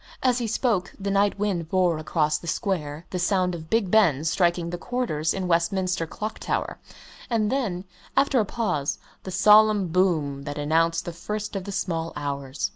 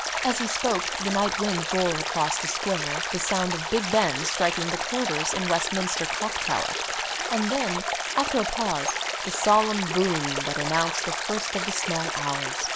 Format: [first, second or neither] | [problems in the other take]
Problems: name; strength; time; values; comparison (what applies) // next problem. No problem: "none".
first | background sound (Stream); 1 dB below the speech